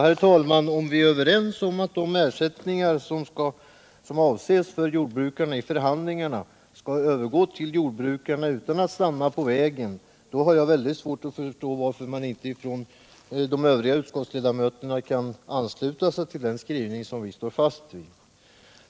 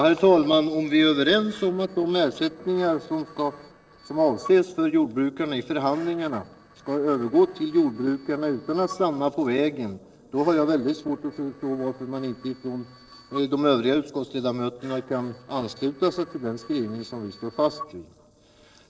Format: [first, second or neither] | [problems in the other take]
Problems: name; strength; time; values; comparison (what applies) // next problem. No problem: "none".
first | noise reduction (neural separator model SepFormer DNS4)